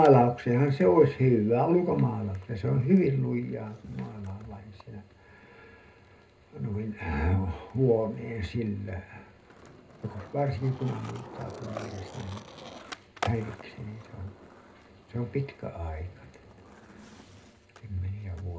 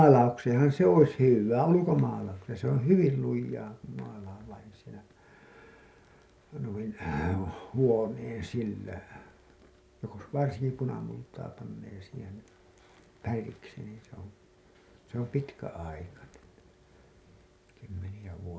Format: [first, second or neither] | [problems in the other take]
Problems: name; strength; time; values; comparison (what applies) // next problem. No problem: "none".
second | background sound (Skateboard); 19 dB below the speech // room echo; dies away in 0.2 s